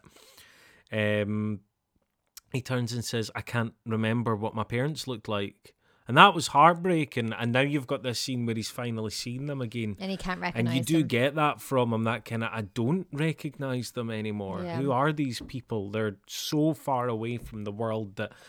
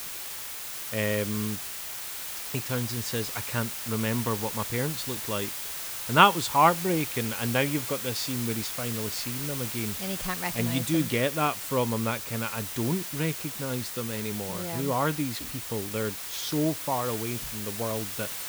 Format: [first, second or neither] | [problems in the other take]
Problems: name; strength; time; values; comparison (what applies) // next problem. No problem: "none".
first | hiss; loud; throughout; 4 dB below the speech